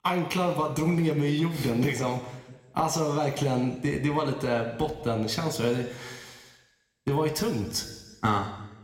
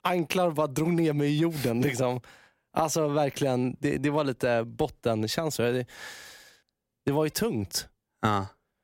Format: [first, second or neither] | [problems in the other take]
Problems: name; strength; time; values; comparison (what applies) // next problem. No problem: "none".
second | room echo; slight; dies away in 1.1 s